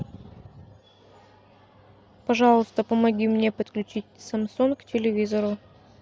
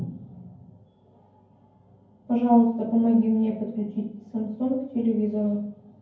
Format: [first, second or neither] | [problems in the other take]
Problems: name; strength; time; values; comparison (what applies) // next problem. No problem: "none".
first | room echo; dies away in 0.9 s